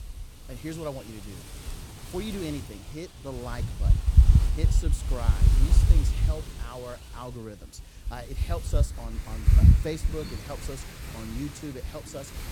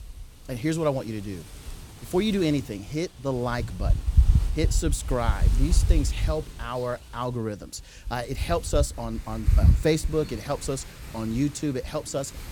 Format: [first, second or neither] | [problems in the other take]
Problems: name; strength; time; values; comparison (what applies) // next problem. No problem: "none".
second | wind noise on the microphone; heavy; 2 dB below the speech; occasional gusts in the second